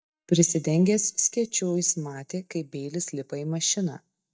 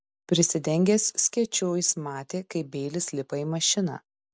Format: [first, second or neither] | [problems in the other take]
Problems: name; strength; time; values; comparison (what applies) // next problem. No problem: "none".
second | noise reduction (neural mask model DeepFilterNet 3)